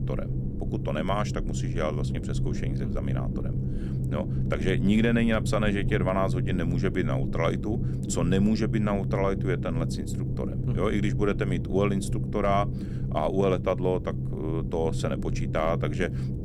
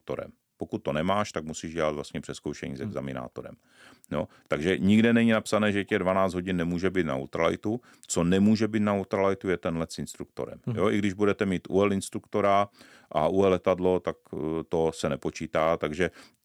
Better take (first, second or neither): second